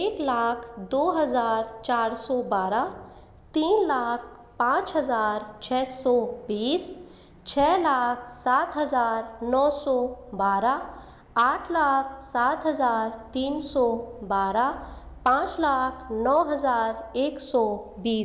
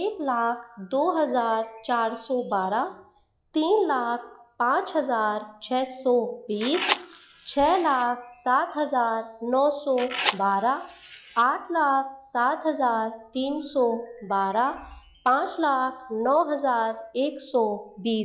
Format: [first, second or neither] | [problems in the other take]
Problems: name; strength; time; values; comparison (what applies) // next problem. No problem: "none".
first | noise reduction (classical method log-MMSE)